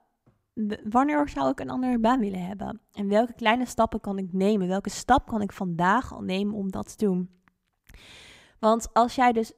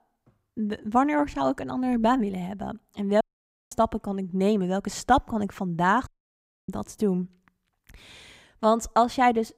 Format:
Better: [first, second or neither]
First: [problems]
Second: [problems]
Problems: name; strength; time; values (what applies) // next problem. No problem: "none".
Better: first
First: none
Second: audio cutting out; at 3 s for 0.5 s and at 6 s for 0.5 s